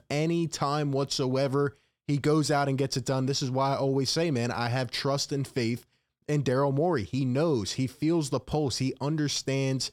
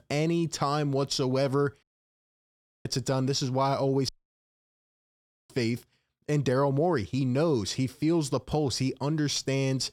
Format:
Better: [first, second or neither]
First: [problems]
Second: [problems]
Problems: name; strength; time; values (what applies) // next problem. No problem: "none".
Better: first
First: none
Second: audio cutting out; at 2 s for 1 s and at 4 s for 1.5 s